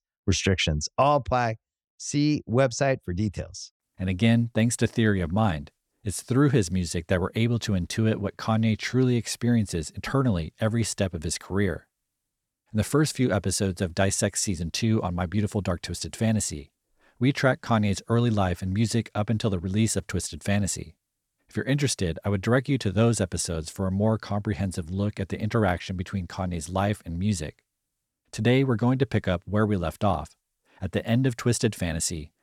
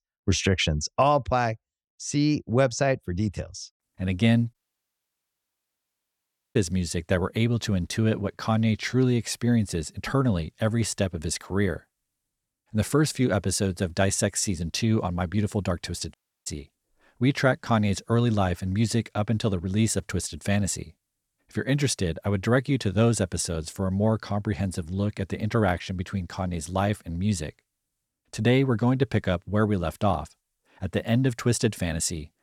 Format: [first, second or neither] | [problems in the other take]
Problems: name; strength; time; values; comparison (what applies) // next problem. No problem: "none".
first | audio cutting out; at 4.5 s for 2 s and at 16 s